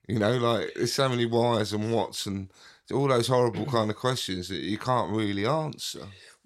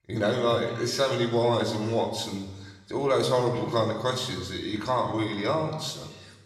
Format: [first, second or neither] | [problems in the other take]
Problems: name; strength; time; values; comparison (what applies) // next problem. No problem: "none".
first | room echo; slight; dies away in 1.1 s // off-mic speech; somewhat distant